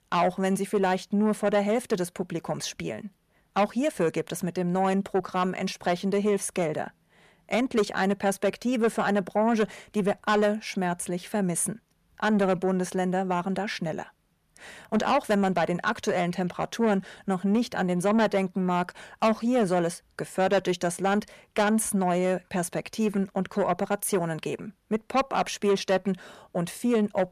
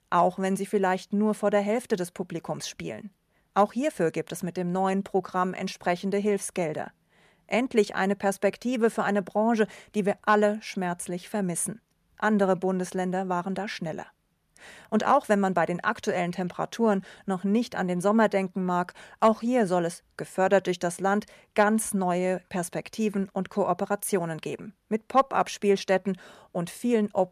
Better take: second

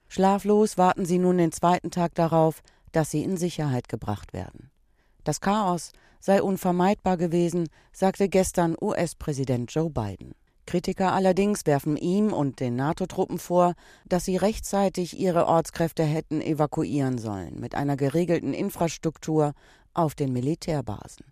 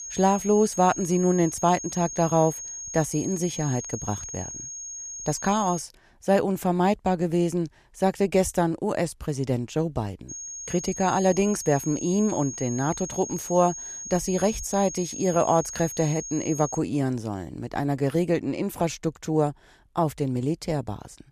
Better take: first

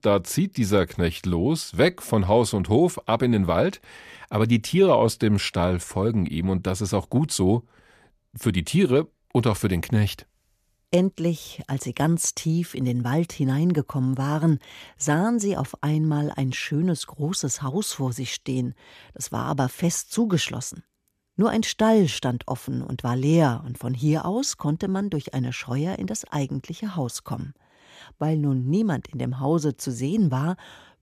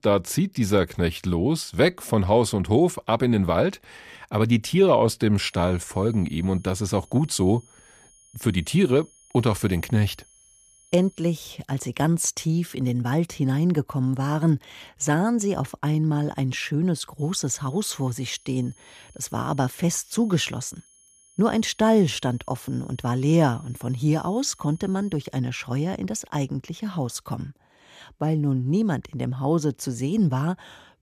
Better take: first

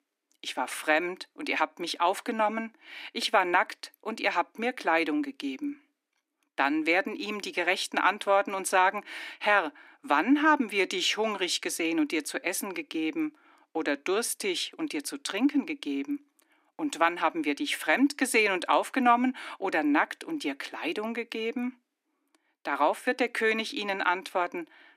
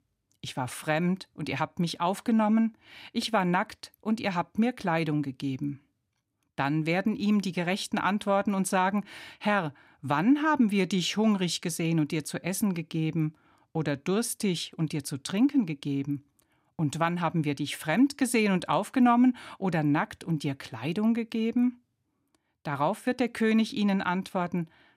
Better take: second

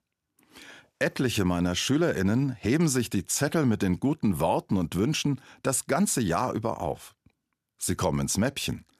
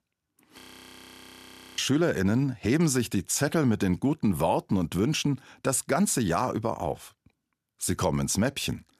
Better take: first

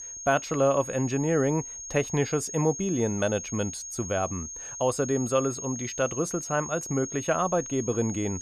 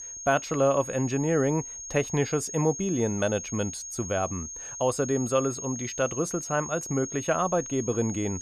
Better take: neither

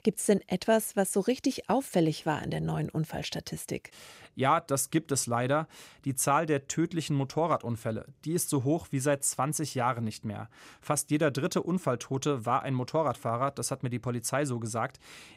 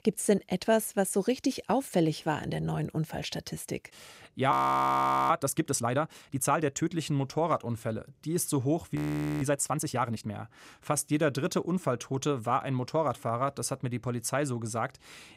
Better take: first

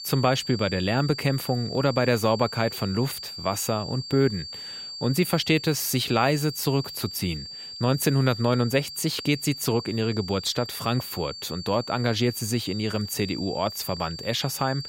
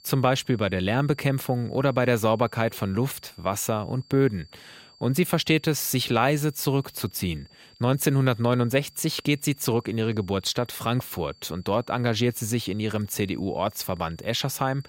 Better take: second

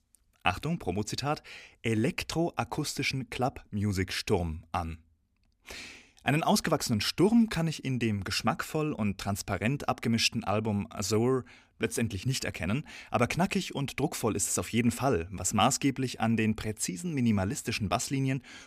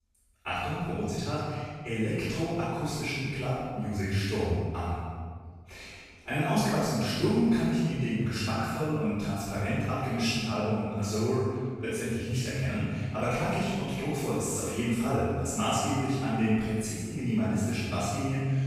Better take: first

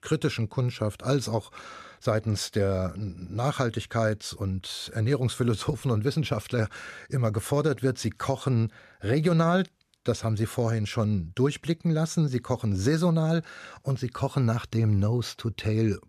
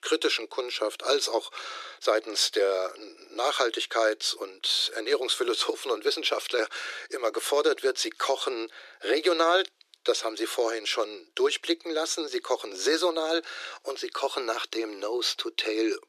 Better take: first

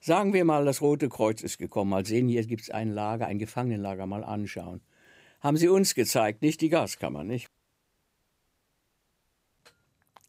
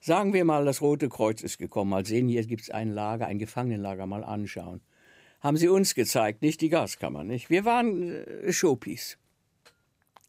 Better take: second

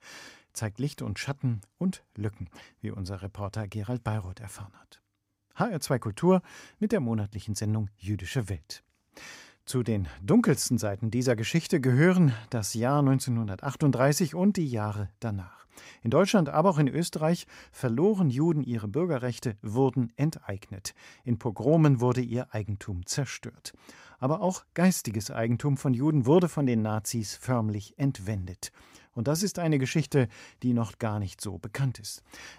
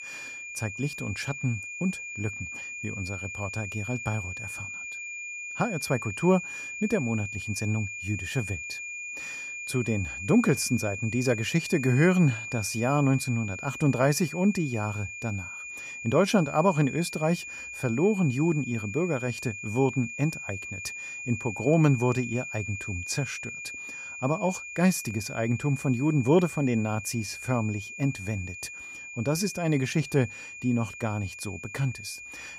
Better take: first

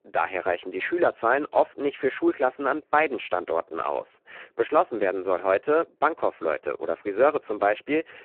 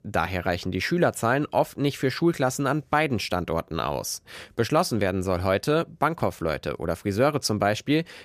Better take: second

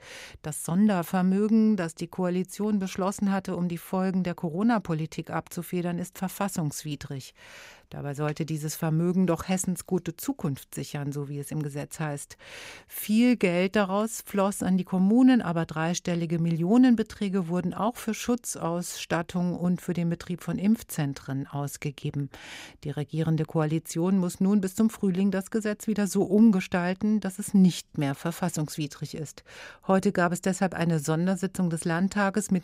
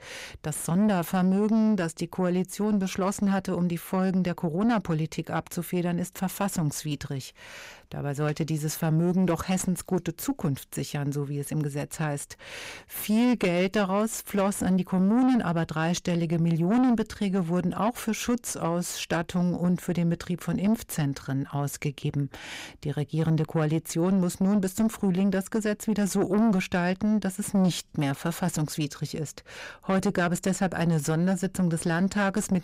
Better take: first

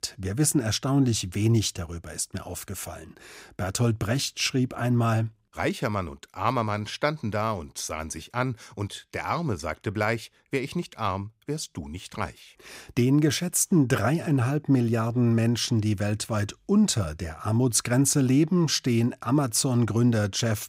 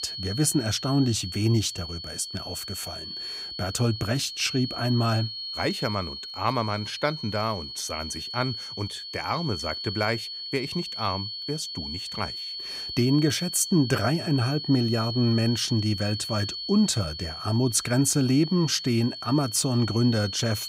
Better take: first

